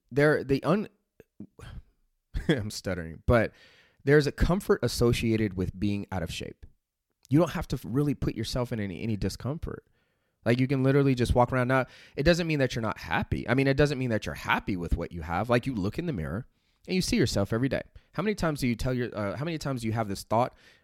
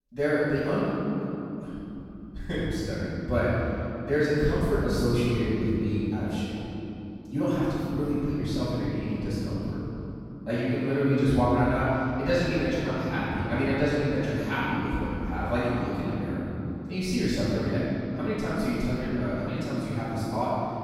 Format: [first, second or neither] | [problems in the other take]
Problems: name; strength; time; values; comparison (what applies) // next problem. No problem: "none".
first | off-mic speech; far // room echo; strong; dies away in 3 s